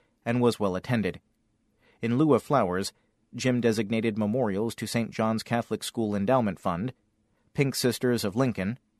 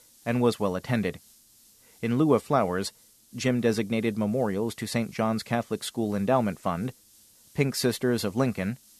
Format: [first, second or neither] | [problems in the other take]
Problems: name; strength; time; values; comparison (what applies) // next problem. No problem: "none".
first | hiss; faint; throughout; 25 dB below the speech